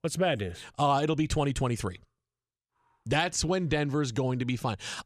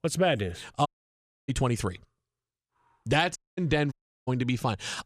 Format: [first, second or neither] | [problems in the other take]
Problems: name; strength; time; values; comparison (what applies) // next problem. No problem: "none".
first | audio cutting out; at 1 s for 0.5 s, at 3.5 s and at 4 s